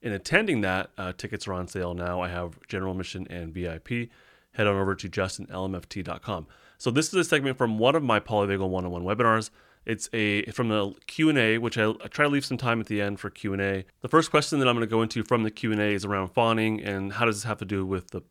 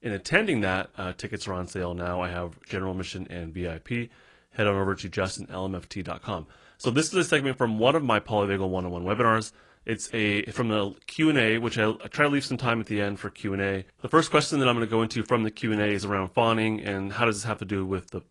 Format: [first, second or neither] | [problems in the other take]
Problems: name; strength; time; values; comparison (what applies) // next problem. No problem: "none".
first | garbled, watery; slightly; nothing above 10 kHz